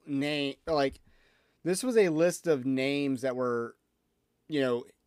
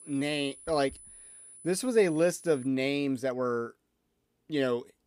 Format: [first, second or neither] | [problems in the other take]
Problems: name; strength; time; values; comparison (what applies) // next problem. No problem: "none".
first | high-pitched whine; noticeable; until 2.5 s; 10 kHz, 20 dB below the speech